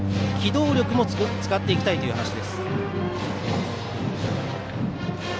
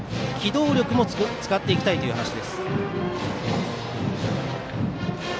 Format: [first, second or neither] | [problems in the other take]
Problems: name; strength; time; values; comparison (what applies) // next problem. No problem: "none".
second | background sound (Bass guitar); 6 dB below the speech